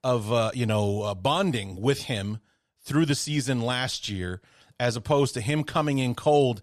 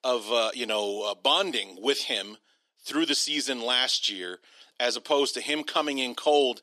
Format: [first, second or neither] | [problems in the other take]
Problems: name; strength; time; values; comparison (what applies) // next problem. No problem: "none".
first | thin; somewhat; fading below 300 Hz